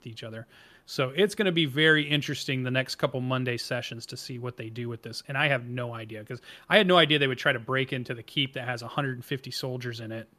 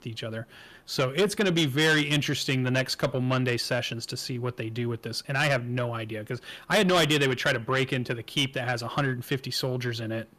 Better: first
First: none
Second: distortion; heavy; 7 dB below the speech

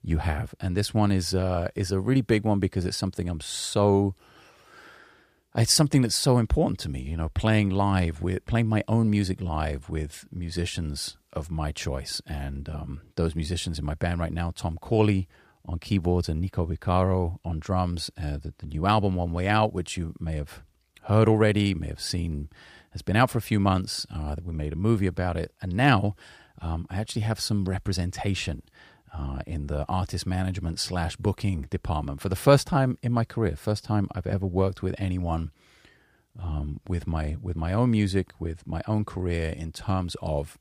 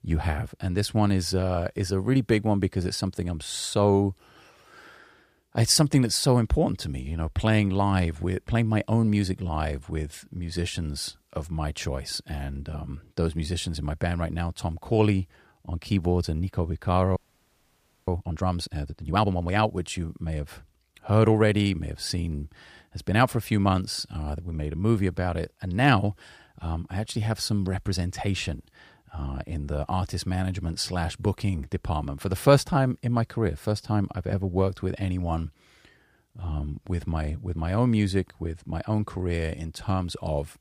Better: first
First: none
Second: audio freezing; at 17 s for 1 s

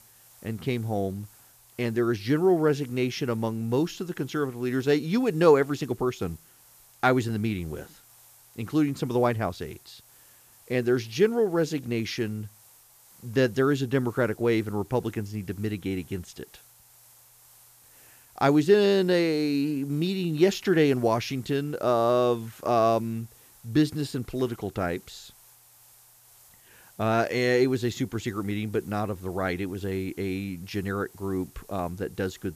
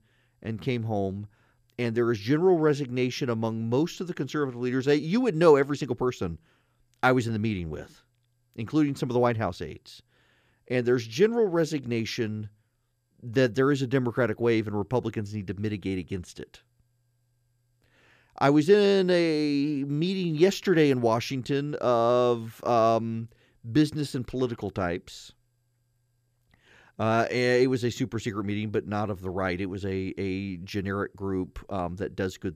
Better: second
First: hiss; faint; throughout; 25 dB below the speech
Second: none

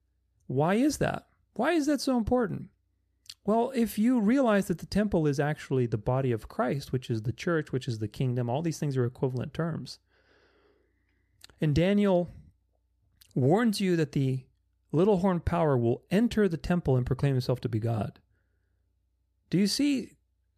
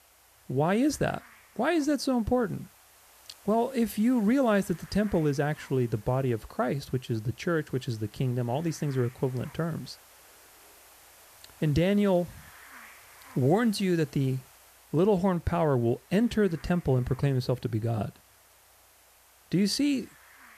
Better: first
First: none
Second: hiss; faint; throughout; 25 dB below the speech

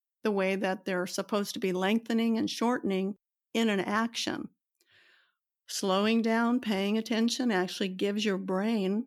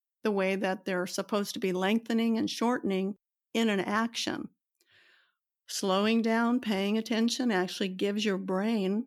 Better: neither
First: none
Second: none

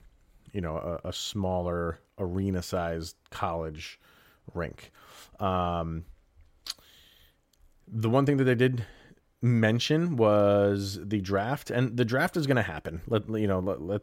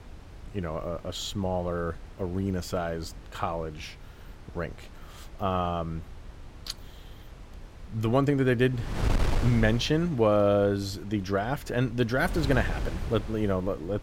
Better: first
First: none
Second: wind noise on the microphone; occasional gusts; 15 dB below the speech

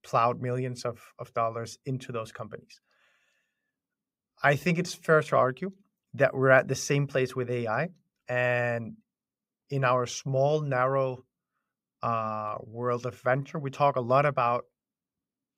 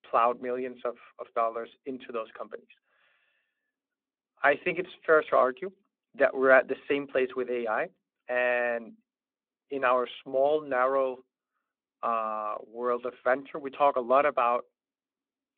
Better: first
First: none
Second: phone-call audio

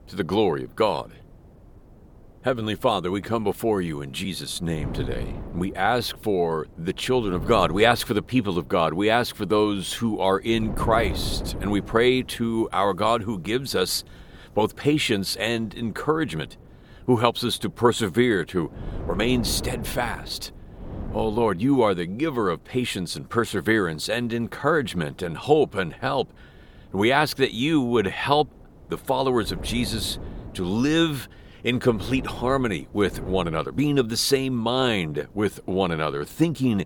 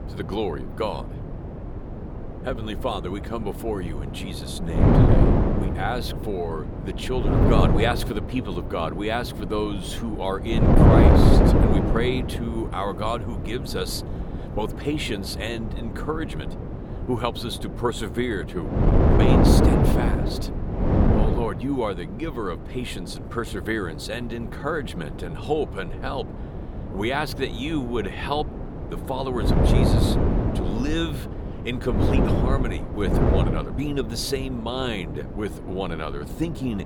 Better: first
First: wind noise on the microphone; occasional gusts; 20 dB below the speech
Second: wind noise on the microphone; heavy; 1 dB above the speech

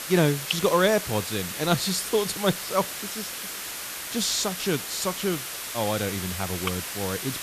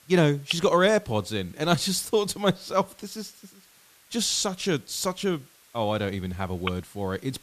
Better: second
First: hiss; loud; throughout; 5 dB below the speech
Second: hiss; faint; throughout; 30 dB below the speech

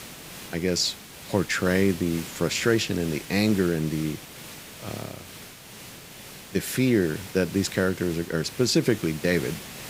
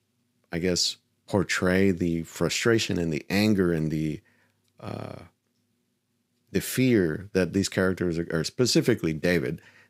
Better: second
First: hiss; noticeable; throughout; 15 dB below the speech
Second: none

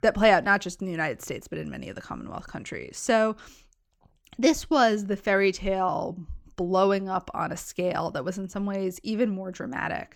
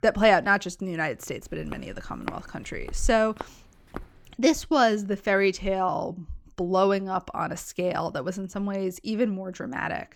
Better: first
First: none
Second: footsteps; faint; from 1.5 to 4 s; peak 10 dB below the speech

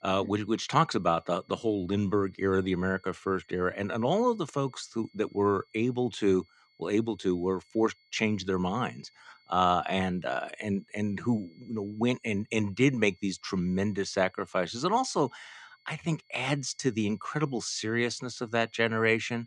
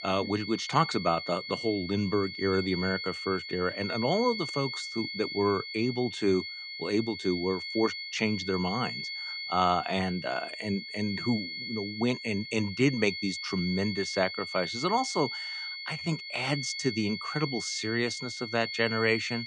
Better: first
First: high-pitched whine; faint; throughout; 2 kHz, 35 dB below the speech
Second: high-pitched whine; loud; throughout; 2 kHz, 6 dB below the speech

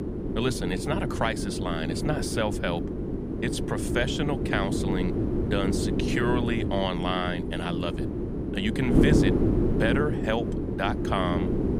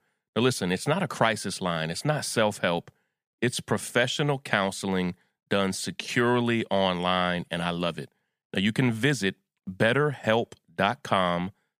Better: second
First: wind noise on the microphone; heavy; 2 dB below the speech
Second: none

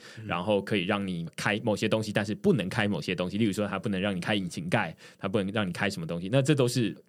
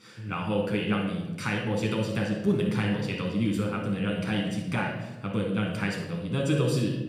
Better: first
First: none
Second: off-mic speech; somewhat distant // room echo; noticeable; dies away in 0.9 s

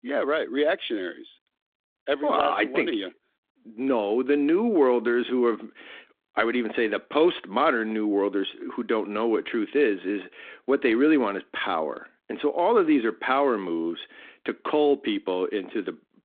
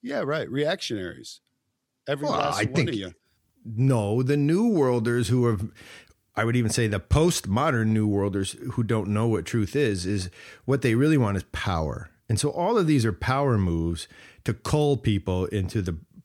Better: second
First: phone-call audio; nothing above 3.5 kHz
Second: none

